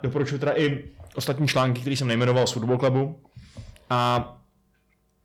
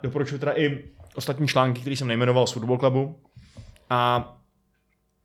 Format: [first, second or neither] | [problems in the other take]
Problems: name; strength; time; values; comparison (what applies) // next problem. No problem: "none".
second | distortion; slight; 10 dB below the speech